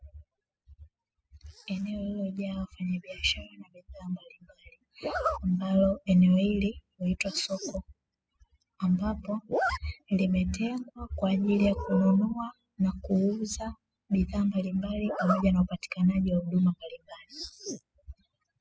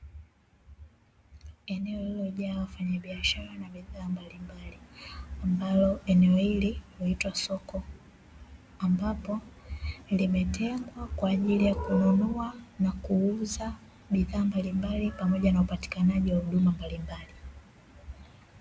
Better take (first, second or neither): second